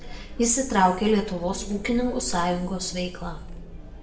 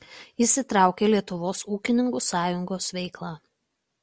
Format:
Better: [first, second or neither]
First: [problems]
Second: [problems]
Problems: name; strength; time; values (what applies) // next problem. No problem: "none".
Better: second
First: background sound (Chatter); 10 dB below the speech // room echo; dies away in 0.7 s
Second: none